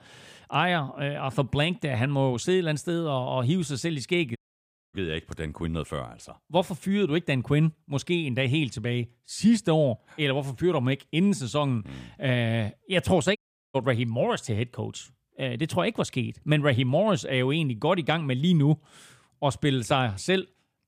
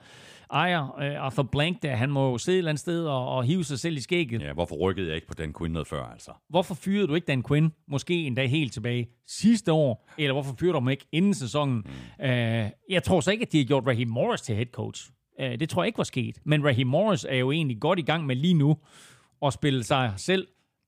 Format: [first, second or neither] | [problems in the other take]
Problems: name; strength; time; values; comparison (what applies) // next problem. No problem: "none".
second | audio cutting out; at 4.5 s for 0.5 s and at 13 s